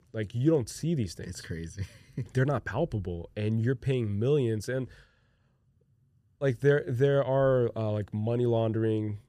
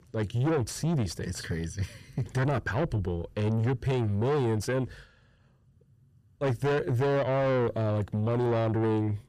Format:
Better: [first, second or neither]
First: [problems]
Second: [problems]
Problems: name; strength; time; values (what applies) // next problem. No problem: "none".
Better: first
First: none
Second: distortion; heavy; 7 dB below the speech